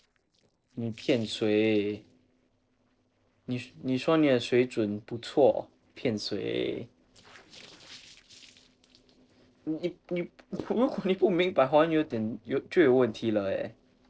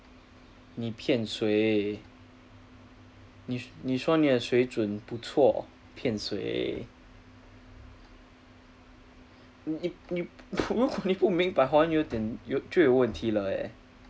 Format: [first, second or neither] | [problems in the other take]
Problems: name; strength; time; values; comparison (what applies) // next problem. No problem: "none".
second | noise reduction (neural separator model SepFormer DNS4)